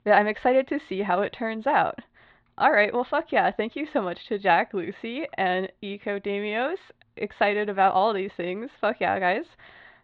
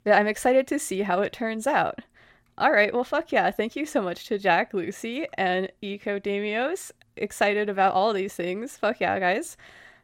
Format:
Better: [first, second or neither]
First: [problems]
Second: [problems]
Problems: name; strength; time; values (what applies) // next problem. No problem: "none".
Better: second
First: muffled; very slightly; fading above 4 kHz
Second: none